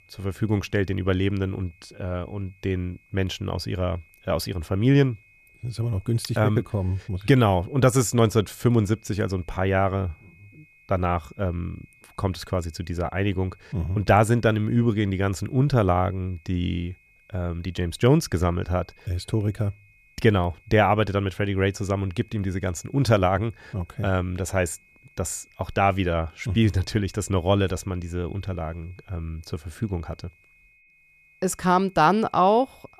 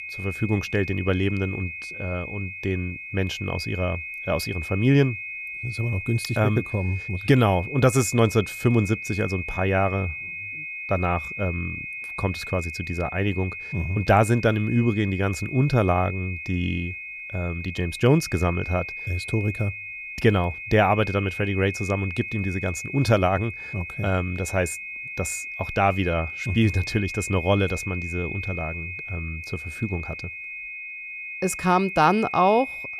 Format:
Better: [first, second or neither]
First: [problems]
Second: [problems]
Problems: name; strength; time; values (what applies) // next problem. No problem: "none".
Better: first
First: high-pitched whine; faint; throughout; 2.5 kHz, 30 dB below the speech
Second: high-pitched whine; loud; throughout; 2.5 kHz, 8 dB below the speech